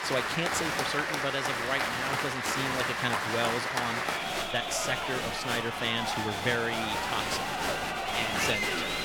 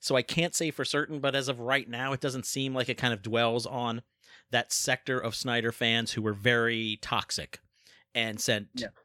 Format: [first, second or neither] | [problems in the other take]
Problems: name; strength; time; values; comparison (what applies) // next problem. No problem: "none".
second | crowd noise; very loud; throughout; 3 dB above the speech